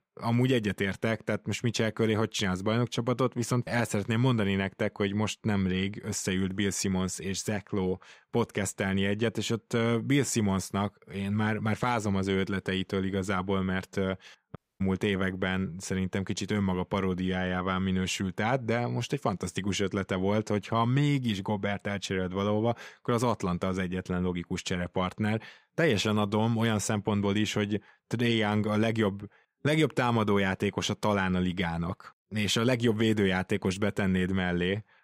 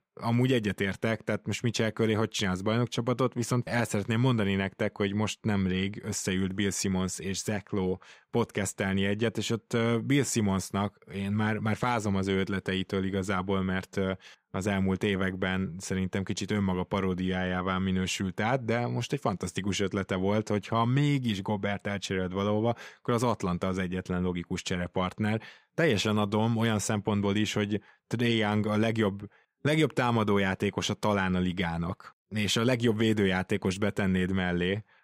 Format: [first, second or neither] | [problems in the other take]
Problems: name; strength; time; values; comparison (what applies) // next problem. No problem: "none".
second | audio cutting out; at 15 s